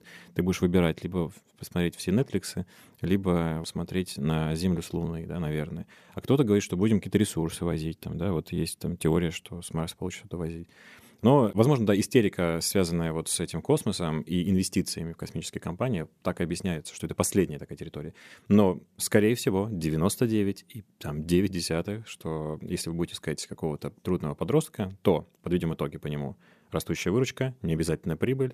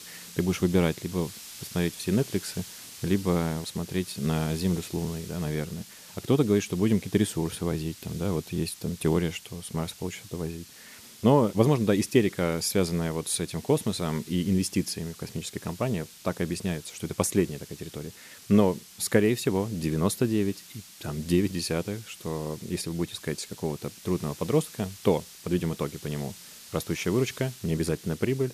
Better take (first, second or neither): first